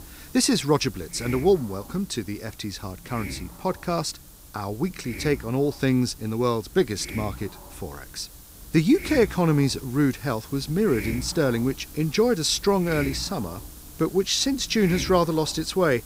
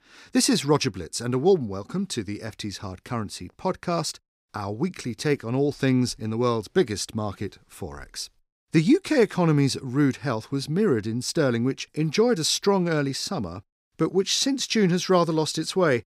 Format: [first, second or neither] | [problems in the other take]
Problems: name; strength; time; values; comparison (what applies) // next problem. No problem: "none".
second | hiss; noticeable; throughout; 15 dB below the speech